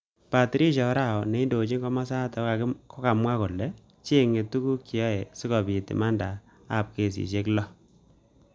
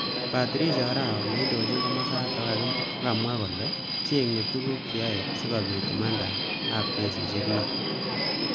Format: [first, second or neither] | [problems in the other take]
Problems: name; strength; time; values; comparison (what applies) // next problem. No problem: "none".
first | background sound (Subway, metro, underground); 1 dB above the speech